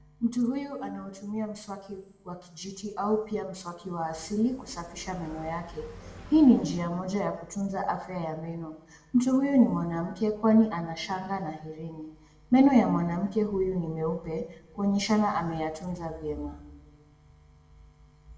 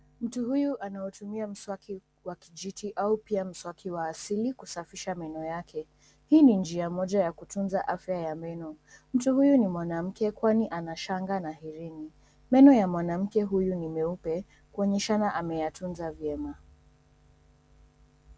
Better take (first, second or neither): second